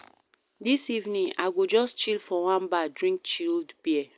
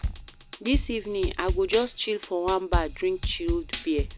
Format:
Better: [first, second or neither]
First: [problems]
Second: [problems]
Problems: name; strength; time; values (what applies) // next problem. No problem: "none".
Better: first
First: none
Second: background sound (Drum kit); 4 dB below the speech